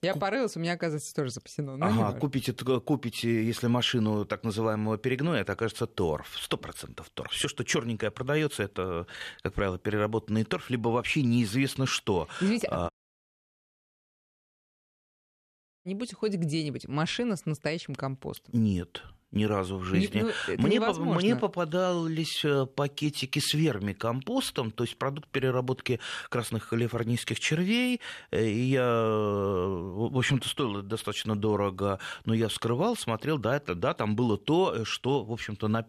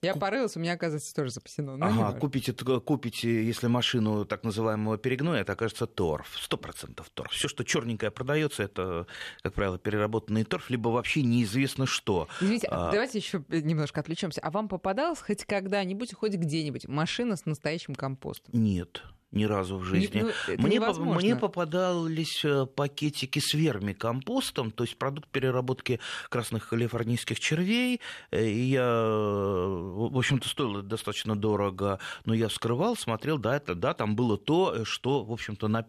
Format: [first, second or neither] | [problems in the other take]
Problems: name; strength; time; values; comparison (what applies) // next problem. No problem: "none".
second | audio cutting out; at 13 s for 3 s